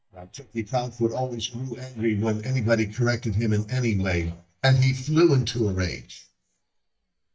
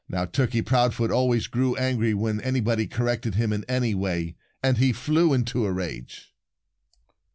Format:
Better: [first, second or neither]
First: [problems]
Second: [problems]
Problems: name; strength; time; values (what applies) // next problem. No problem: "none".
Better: second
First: noise reduction (neural mask model DeepFilterNet 3)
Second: none